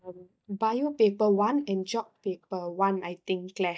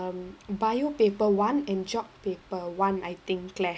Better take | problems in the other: second | noise reduction (neural mask model DeepFilterNet 3)

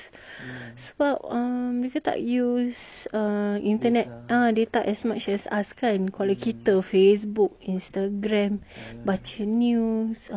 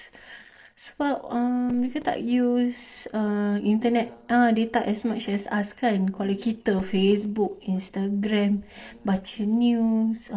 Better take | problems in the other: first | noise reduction (neural separator model SepFormer DNS4)

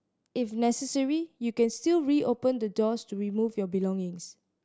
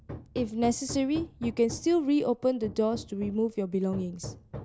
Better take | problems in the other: first | background sound (Hammer); 14 dB below the speech

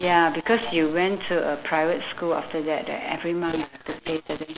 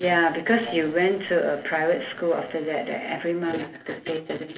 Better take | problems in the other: first | room echo; dies away in 0.3 s

